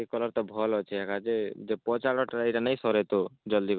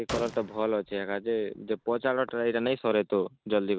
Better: first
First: none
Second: background sound (Gunshot, gunfire); 15 dB below the speech

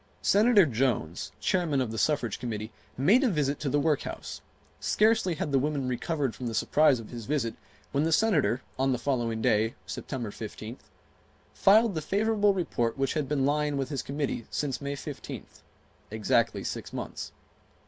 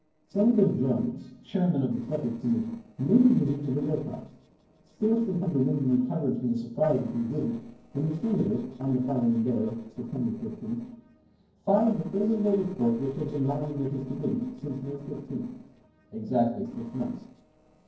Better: first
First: none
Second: noise reduction (neural separator model SepFormer DNS4)

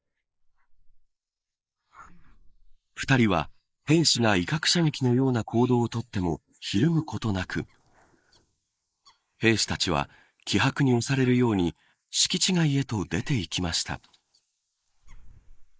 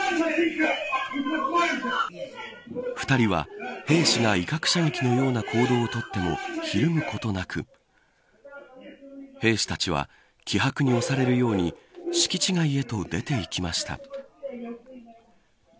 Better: second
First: noise reduction (neural mask model Resemble Enhance denoiser)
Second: none

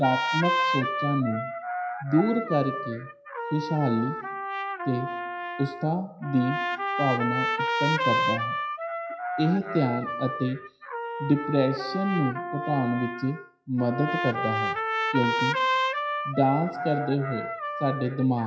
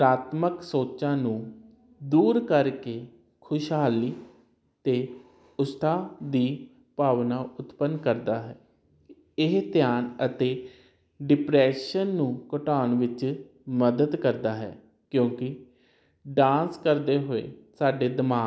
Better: second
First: noise reduction (classical method WPE with log-MMSE)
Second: none

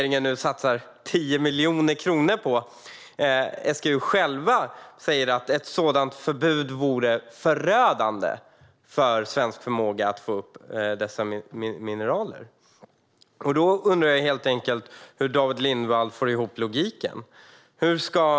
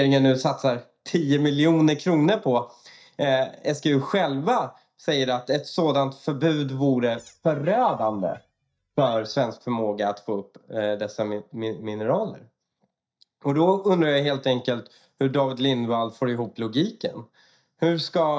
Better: first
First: none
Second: noise reduction (neural mask model DeepFilterNet 3)

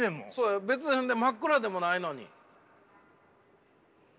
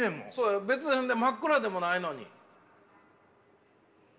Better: first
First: none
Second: room echo; dies away in 0.7 s

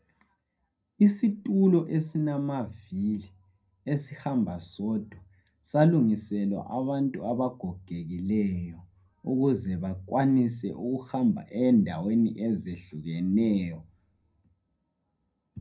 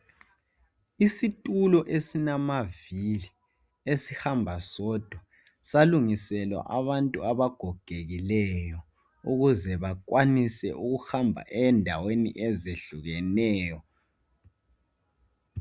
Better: second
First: room echo; dies away in 0.2 s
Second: none

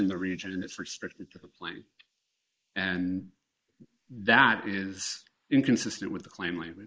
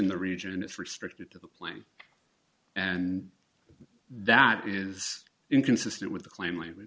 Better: second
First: noise reduction (neural mask model Resemble Enhance denoiser)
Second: none

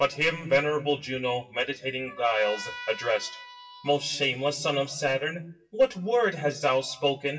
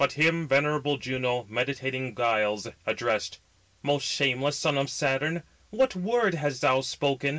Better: second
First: noise reduction (classical method WPE with log-MMSE)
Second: none

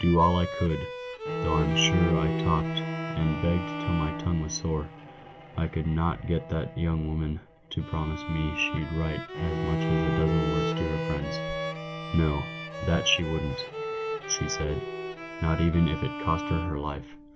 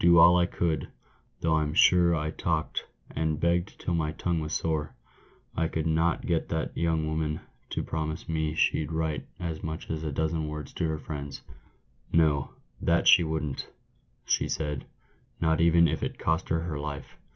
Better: second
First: background sound (Bowed string instrument + Bowed string instrument); 4 dB below the speech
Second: none

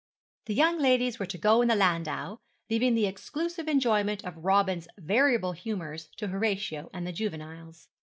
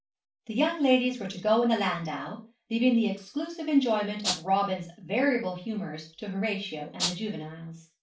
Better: first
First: none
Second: background sound (Rattle (instrument)); 3 dB below the speech // room echo; dies away in 0.3 s

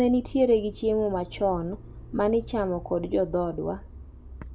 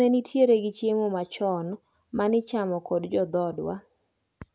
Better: second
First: background sound (Motor vehicle (road)); 15 dB below the speech // room echo; dies away in 0.2 s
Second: none

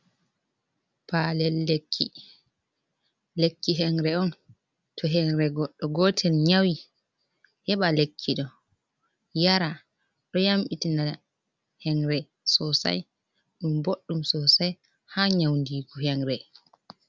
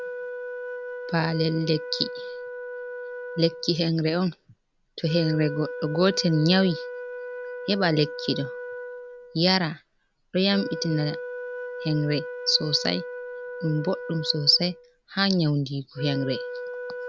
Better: first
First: none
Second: background sound (Wind instrument, woodwind instrument); 9 dB below the speech

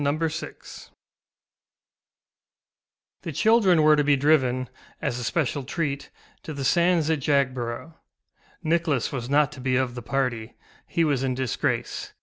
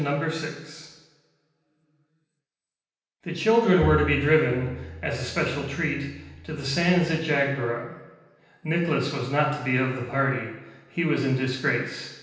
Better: first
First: none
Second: background sound (Bowed string instrument); 10 dB below the speech // room echo; dies away in 0.9 s

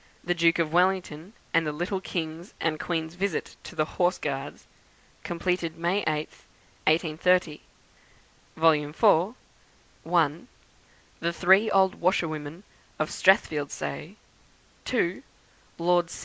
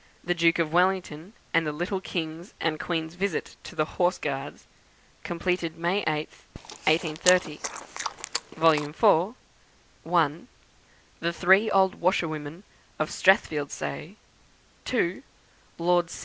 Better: first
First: none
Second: background sound (Chewing, mastication); 7 dB below the speech

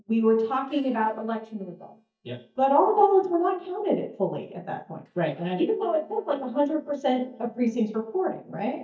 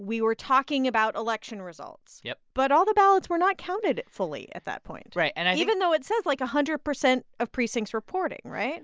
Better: second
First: noise reduction (neural mask model DeepFilterNet 3)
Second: none

